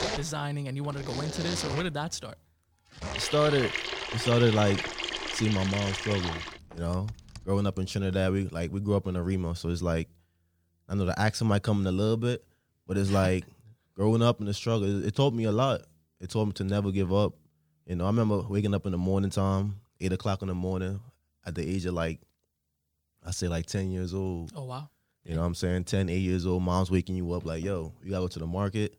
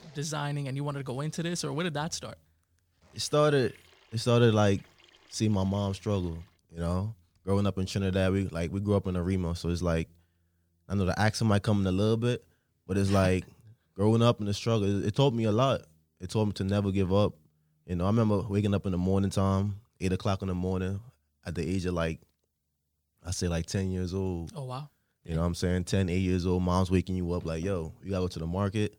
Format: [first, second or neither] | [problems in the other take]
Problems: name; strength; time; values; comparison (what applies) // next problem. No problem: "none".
second | household noises; loud; until 8 s; 4 dB below the speech; faint in the second